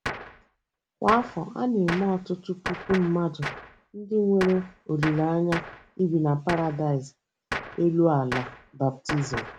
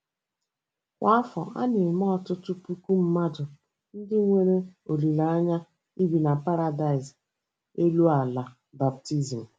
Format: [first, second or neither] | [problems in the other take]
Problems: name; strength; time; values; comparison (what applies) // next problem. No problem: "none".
second | background sound (Gunshot, gunfire); 10 dB below the speech